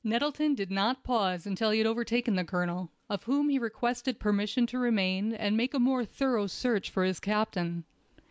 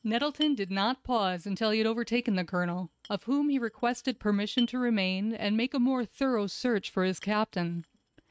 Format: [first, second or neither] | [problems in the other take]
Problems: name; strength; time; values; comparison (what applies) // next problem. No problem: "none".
first | noise reduction (neural mask model RNNoise)